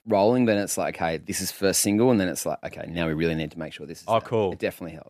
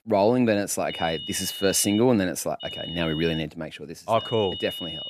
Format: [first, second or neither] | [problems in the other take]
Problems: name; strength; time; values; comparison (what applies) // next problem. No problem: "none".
first | high-pitched whine; loud; from 1 to 2 s, at 2.5 s and at 4 s; 3 kHz, 9 dB below the speech